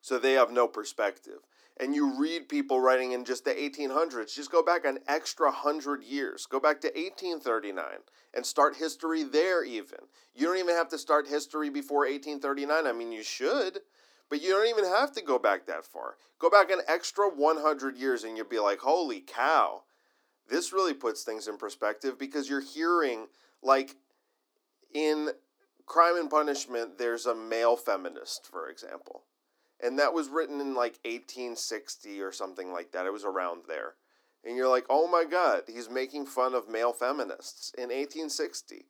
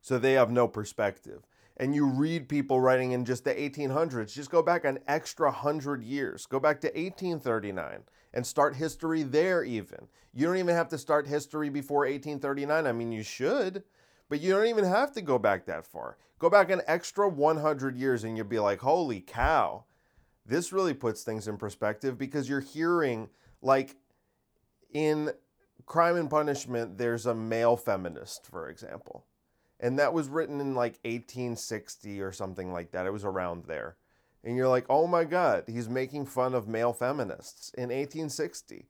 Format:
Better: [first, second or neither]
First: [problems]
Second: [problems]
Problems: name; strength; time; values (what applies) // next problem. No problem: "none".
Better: second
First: thin; very slightly; fading below 300 Hz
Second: none